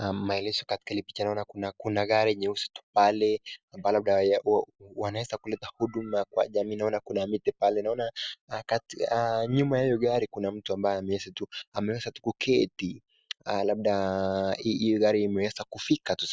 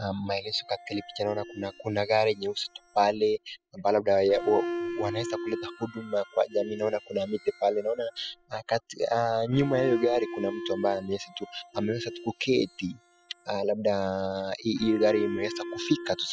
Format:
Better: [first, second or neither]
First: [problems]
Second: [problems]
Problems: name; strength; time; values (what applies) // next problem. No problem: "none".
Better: first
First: none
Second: noise reduction (classical method spectral subtraction)